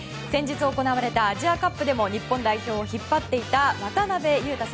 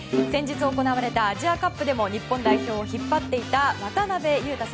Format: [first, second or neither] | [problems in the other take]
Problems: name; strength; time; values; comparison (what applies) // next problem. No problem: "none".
first | background sound (Bowed string instrument); 7 dB below the speech